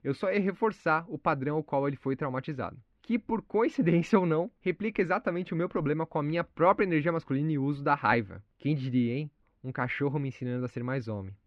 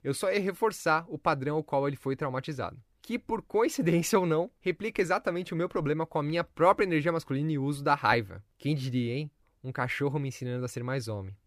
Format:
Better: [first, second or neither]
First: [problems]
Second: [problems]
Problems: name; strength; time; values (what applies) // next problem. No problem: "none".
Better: second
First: muffled; slightly; fading above 2.5 kHz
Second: none